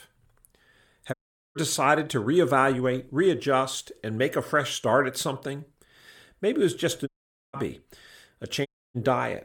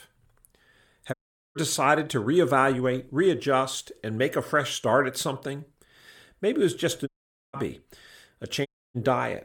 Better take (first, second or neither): neither